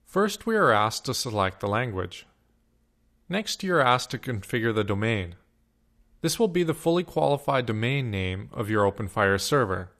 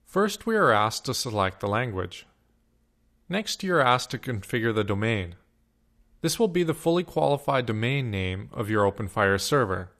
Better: neither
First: none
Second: none

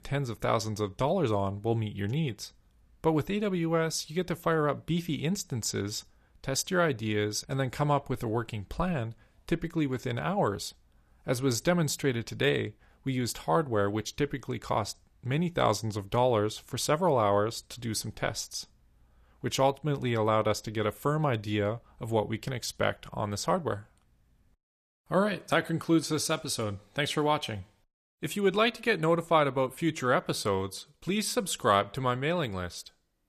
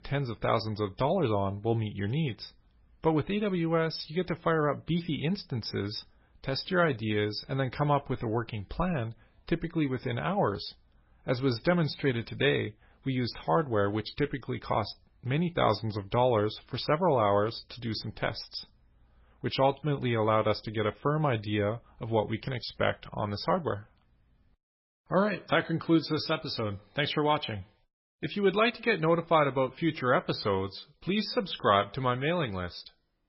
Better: first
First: none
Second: garbled, watery; badly; nothing above 5.5 kHz

